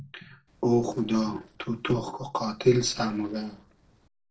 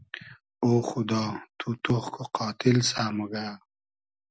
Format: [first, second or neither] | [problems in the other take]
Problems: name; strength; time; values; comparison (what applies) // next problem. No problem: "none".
second | noise reduction (neural separator model SepFormer DNS4)